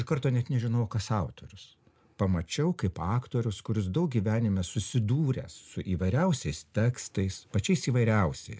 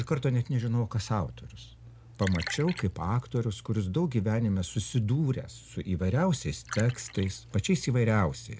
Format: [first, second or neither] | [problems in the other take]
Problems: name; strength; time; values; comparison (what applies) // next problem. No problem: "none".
first | background sound (Liquid); 17 dB below the speech